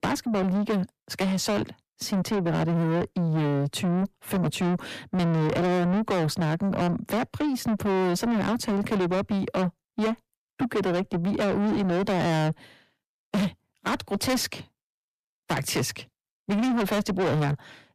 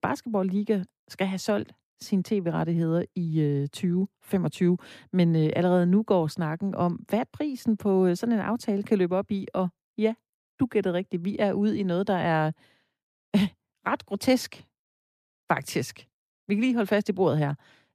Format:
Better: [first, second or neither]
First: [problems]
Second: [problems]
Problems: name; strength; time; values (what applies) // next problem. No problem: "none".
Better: second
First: distortion; heavy; 6 dB below the speech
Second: none